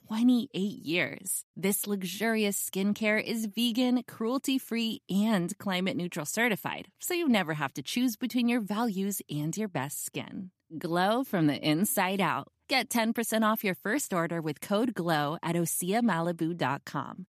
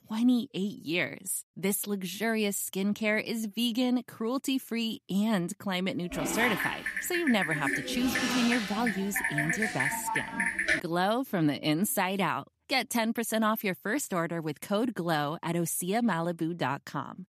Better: first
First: none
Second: keyboard typing; loud; from 6 to 11 s; peak 3 dB above the speech

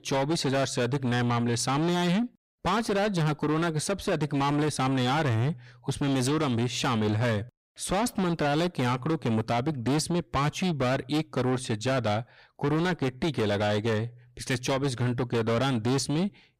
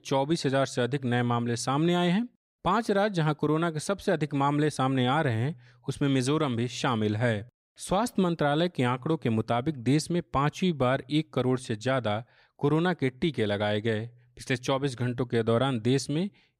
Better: second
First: distortion; heavy; 8 dB below the speech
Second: none

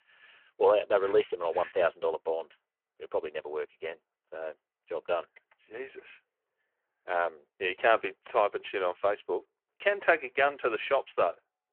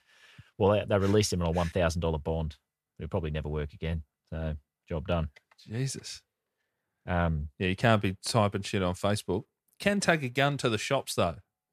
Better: second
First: phone-call audio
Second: none

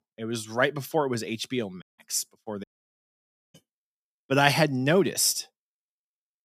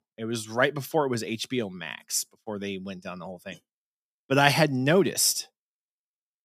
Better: second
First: audio cutting out; at 2 s and at 2.5 s for 1 s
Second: none

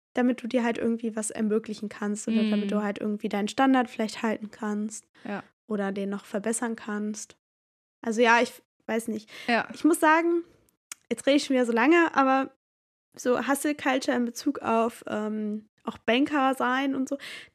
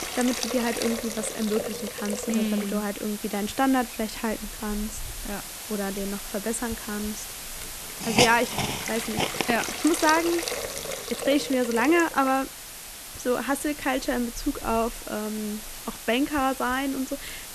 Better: first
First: none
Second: hiss; loud; throughout; 5 dB below the speech

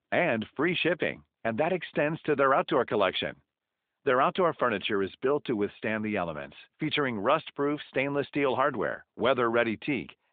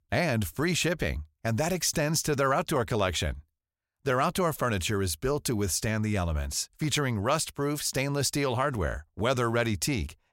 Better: second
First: phone-call audio; nothing above 3.5 kHz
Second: none

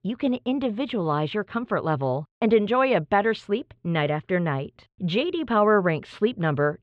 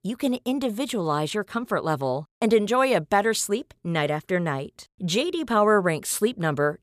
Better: second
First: muffled; very; fading above 3 kHz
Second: none

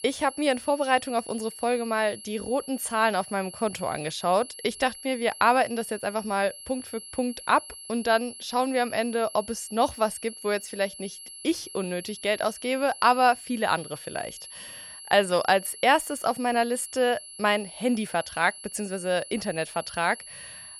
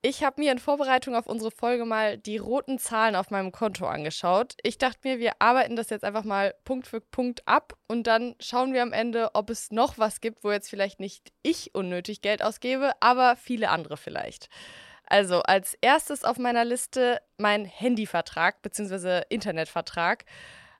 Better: second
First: high-pitched whine; noticeable; throughout; 11 kHz, 15 dB below the speech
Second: none

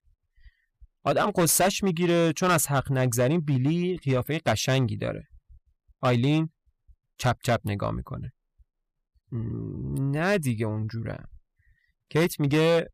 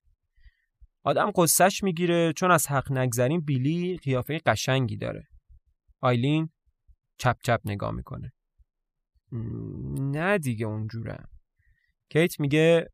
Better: second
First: distortion; slight; 5% of the sound clipped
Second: none

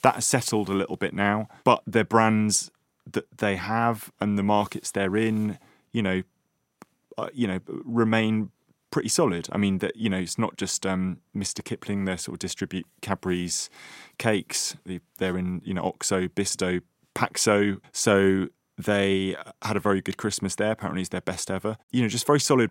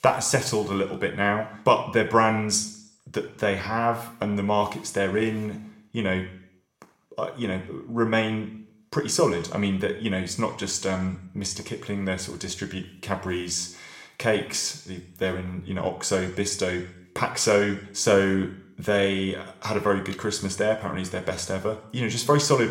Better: first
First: none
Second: room echo; slight; dies away in 0.6 s

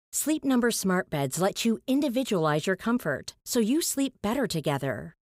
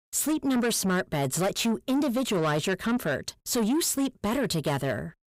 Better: first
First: none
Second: distortion; slight; 10 dB below the speech

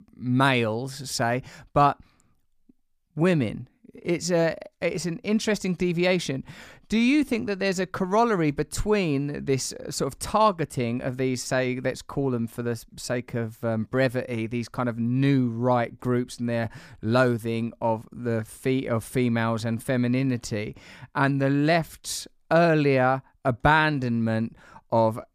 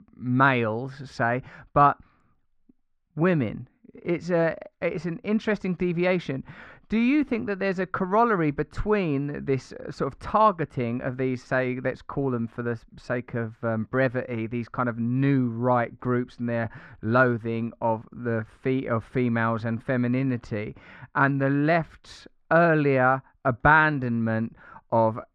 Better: first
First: none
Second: muffled; very; fading above 2.5 kHz

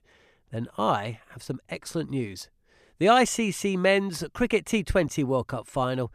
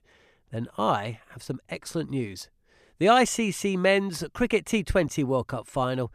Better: neither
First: none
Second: none

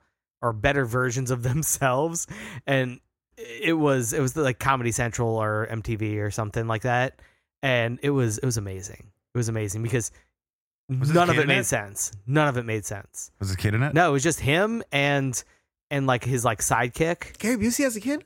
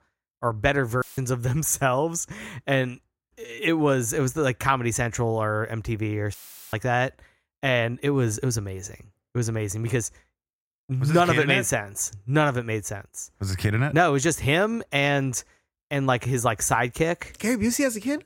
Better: first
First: none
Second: audio cutting out; filled with static; at 1 s and at 6.5 s

